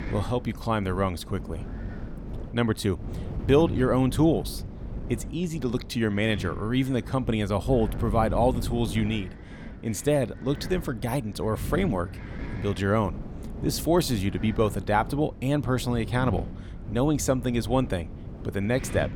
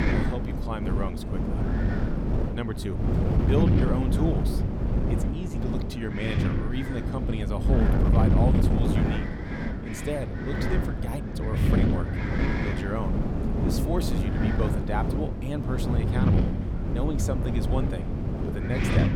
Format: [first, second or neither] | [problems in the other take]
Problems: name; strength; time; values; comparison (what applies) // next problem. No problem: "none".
first | wind noise on the microphone; heavy; 1 dB above the speech; occasional gusts in the first